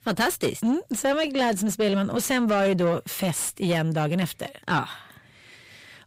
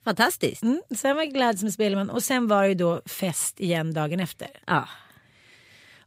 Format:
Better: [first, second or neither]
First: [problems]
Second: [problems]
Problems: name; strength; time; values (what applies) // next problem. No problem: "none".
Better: second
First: distortion; slight; 10 dB below the speech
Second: none